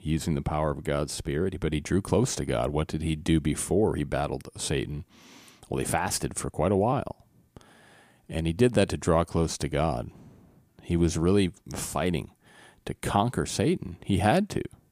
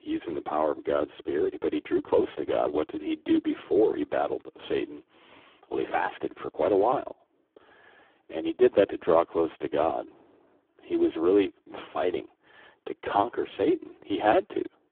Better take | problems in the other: first | phone-call audio; poor line

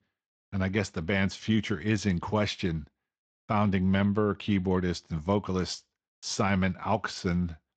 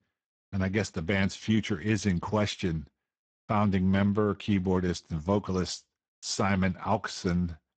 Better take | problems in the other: first | garbled, watery; badly; nothing above 8 kHz; slightly in the first

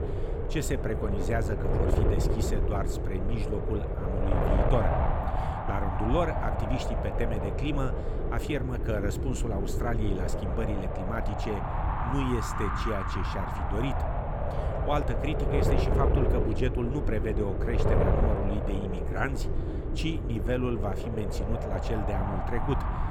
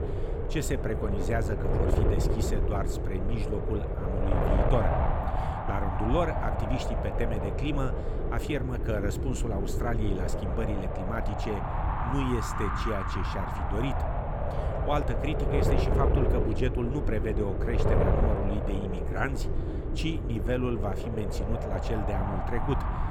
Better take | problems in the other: neither | wind noise on the microphone; heavy; 1 dB above the speech; the same in both

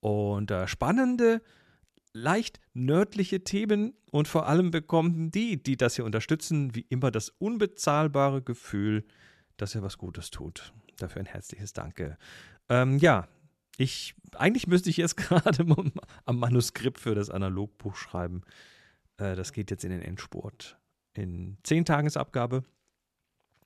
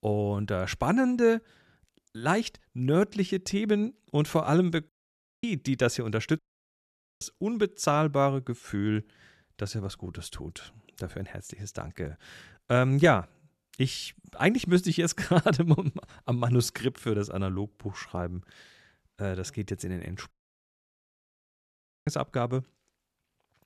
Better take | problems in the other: first | audio cutting out; at 5 s for 0.5 s, at 6.5 s for 1 s and at 20 s for 2 s

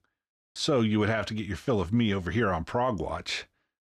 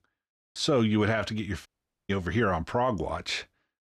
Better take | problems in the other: first | audio cutting out; at 1.5 s

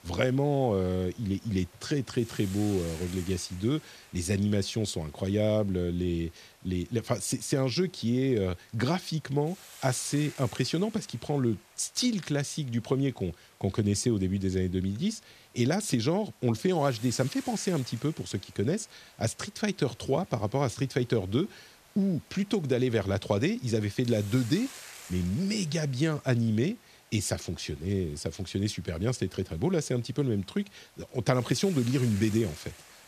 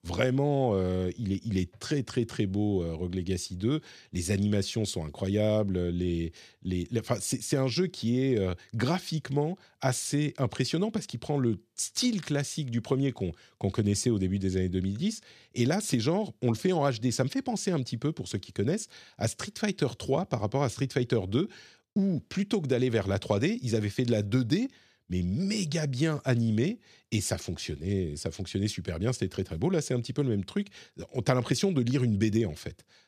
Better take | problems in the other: second | hiss; faint; throughout; 20 dB below the speech

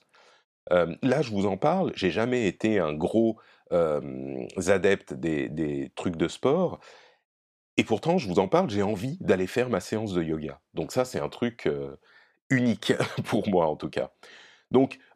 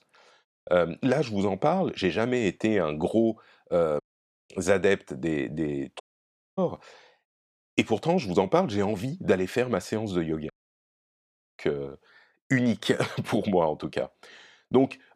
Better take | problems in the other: first | audio cutting out; at 4 s, at 6 s for 0.5 s and at 11 s for 1 s

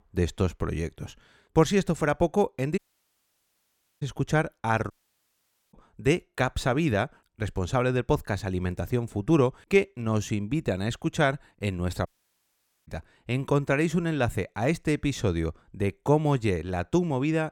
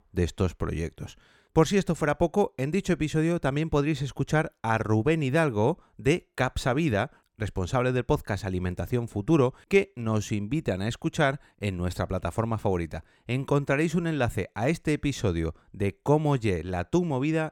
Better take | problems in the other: second | audio cutting out; at 3 s for 1 s, at 5 s for 1 s and at 12 s for 1 s

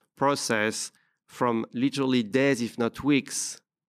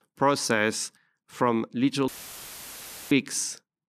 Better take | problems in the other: first | audio cutting out; filled with static; at 2 s for 1 s

